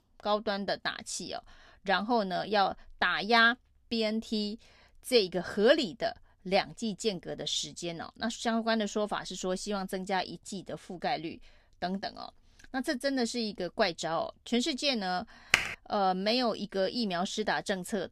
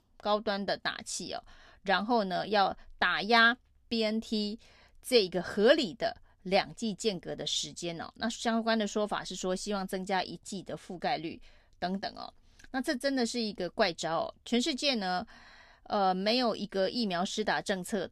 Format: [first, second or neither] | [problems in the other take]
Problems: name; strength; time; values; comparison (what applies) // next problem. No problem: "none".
second | keyboard typing; loud; at 16 s; peak 3 dB above the speech